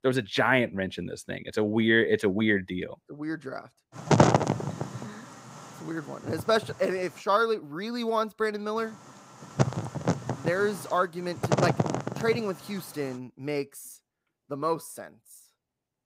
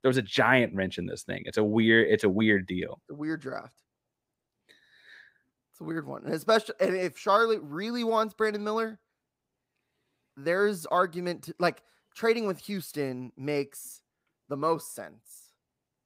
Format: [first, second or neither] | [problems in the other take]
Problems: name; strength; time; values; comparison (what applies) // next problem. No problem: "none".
second | wind noise on the microphone; heavy; from 4 to 7 s and from 9 to 13 s; 1 dB below the speech